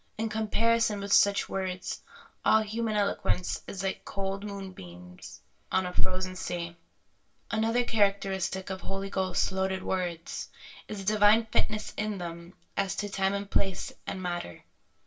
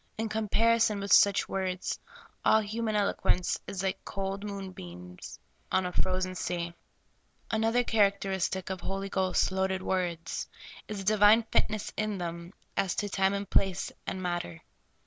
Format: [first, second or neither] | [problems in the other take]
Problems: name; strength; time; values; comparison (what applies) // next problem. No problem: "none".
second | room echo; dies away in 0.2 s